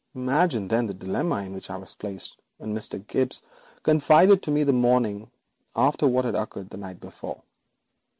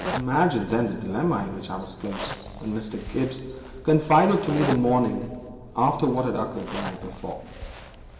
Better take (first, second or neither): first